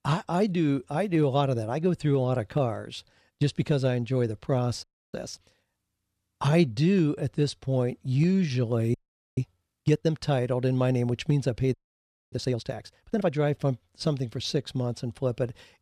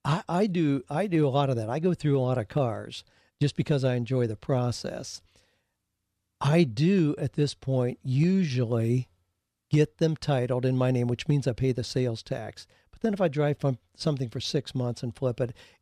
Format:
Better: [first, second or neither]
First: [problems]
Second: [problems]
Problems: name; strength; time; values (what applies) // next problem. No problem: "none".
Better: second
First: audio freezing; at 5 s, at 9 s and at 12 s for 0.5 s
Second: none